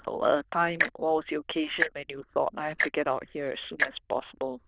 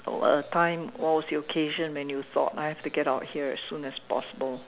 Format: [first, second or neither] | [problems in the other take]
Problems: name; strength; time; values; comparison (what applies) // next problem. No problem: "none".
second | noise reduction (neural diffusion model UNIVERSE++)